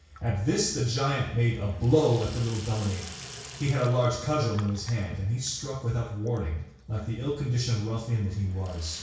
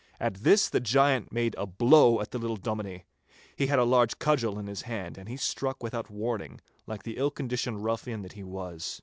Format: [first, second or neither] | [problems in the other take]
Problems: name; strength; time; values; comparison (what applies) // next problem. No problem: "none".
second | background sound (Sink (filling or washing)); 19 dB below the speech // room echo; dies away in 0.6 s